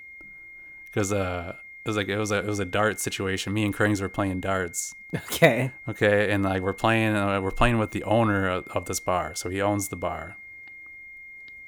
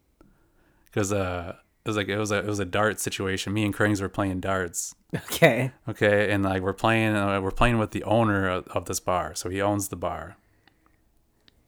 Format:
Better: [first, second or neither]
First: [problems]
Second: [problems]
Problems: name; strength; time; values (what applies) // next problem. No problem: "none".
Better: second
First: high-pitched whine; noticeable; throughout; 2 kHz, 15 dB below the speech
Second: none